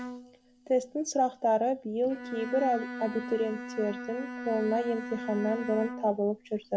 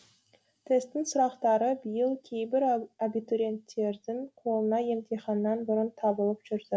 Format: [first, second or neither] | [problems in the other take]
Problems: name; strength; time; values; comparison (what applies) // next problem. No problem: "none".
second | background sound (Bowed string instrument); 10 dB below the speech